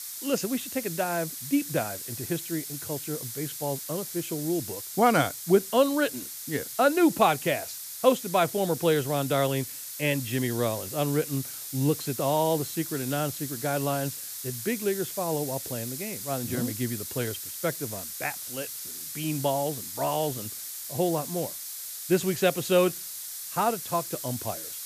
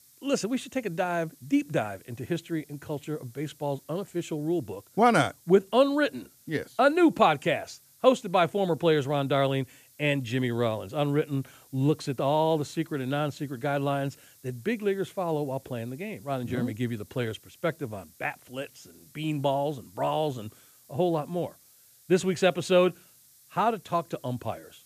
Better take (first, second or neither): second